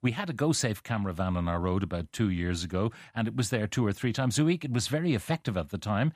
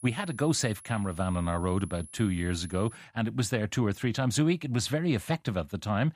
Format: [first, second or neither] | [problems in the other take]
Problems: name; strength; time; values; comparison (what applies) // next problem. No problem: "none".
first | high-pitched whine; noticeable; until 3 s; 10.5 kHz, 20 dB below the speech